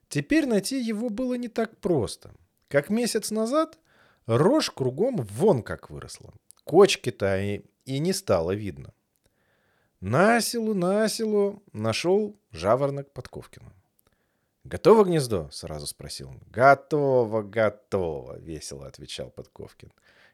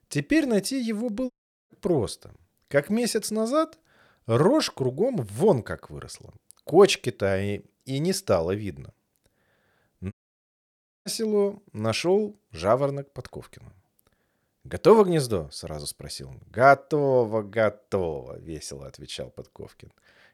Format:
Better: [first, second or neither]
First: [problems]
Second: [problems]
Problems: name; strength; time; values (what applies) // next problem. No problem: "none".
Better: first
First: none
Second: audio cutting out; at 1.5 s and at 10 s for 1 s